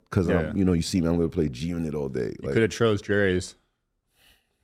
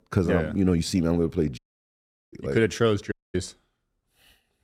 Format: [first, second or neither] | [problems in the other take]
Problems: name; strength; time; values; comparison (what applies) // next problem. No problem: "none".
first | audio cutting out; at 1.5 s for 0.5 s and at 3 s